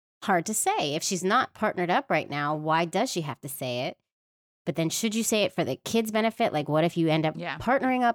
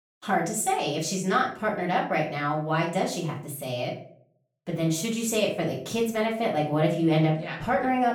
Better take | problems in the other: first | room echo; slight; dies away in 0.4 s // off-mic speech; far

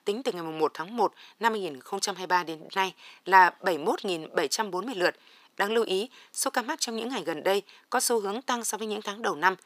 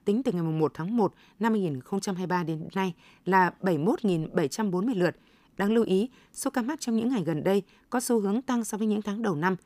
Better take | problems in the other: second | thin; very; fading below 550 Hz

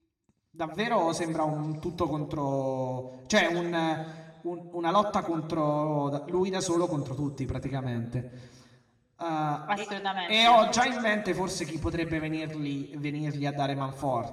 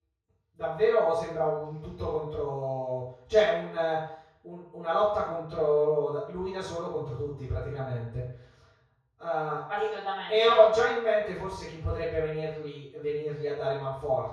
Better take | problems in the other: first | room echo; strong; dies away in 0.7 s; slight in the first // off-mic speech; far; somewhat distant in the first

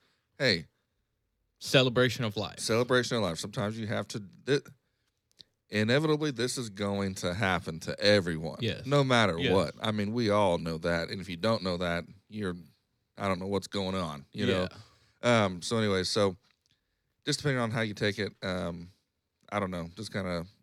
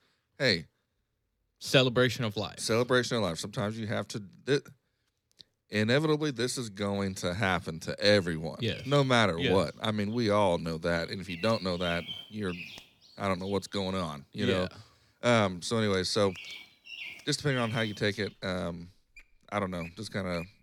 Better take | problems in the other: first | animal sounds; noticeable; from 8.5 s on; 15 dB below the speech

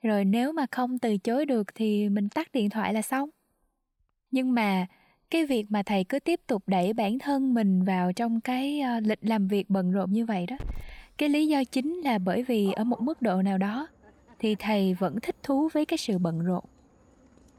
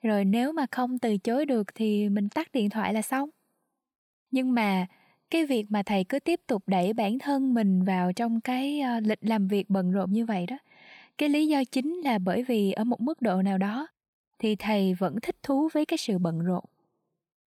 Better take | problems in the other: second | animal sounds; faint; throughout; 25 dB below the speech

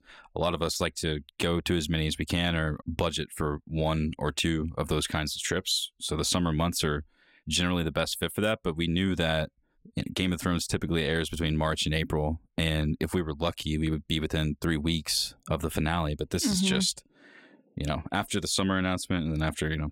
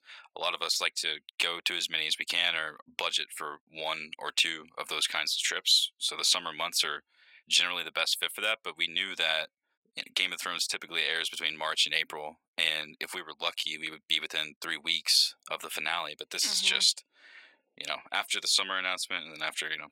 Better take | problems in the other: first | thin; very; fading below 850 Hz

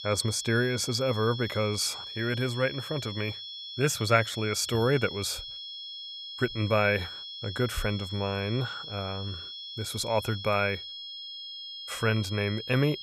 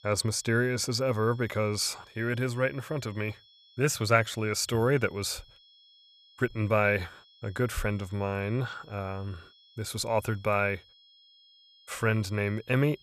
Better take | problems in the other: second | high-pitched whine; loud; throughout; 3.5 kHz, 9 dB below the speech; faint in the second

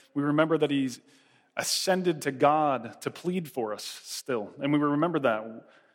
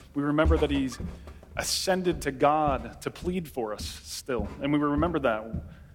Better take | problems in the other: first | footsteps; noticeable; peak 1 dB below the speech

